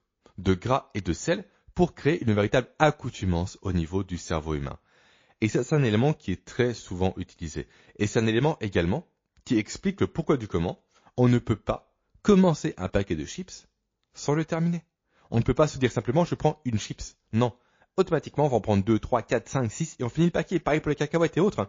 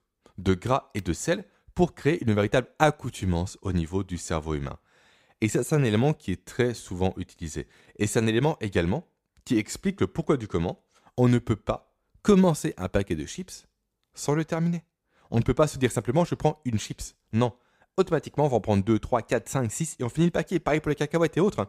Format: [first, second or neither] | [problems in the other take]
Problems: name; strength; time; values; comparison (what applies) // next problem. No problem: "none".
second | garbled, watery; slightly